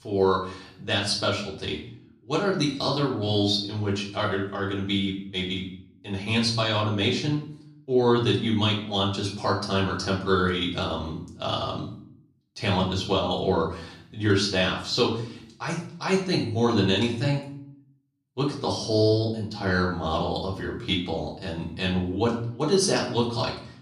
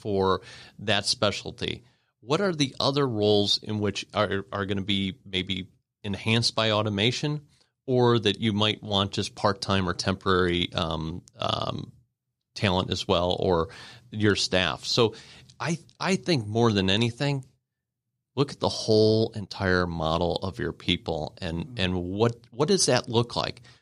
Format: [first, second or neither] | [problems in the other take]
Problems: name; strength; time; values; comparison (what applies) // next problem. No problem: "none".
second | off-mic speech; far // room echo; slight; dies away in 0.5 s